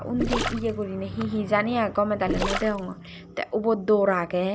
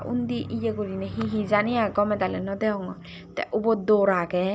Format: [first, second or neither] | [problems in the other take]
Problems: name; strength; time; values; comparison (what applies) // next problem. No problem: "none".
second | background sound (Gurgling); 6 dB below the speech